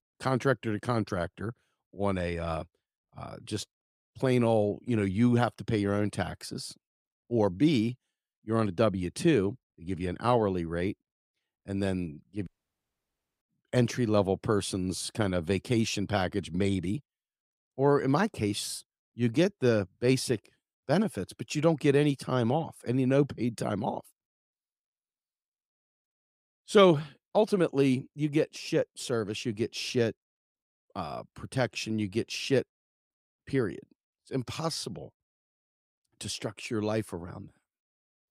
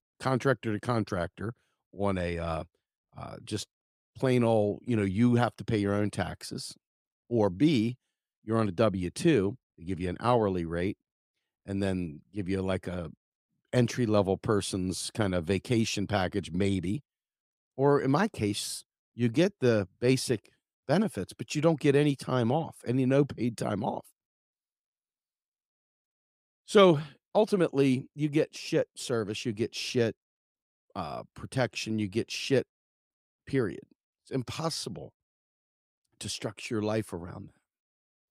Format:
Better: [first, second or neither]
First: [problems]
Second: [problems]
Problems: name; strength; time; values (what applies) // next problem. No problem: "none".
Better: second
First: audio cutting out; at 12 s for 1 s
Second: none